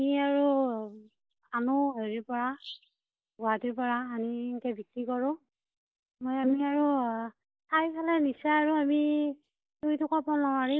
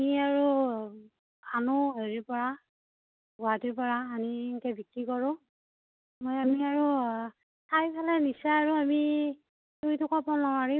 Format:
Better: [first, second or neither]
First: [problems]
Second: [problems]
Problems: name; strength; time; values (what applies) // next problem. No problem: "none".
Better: second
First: noise reduction (neural mask model DeepFilterNet 3)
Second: none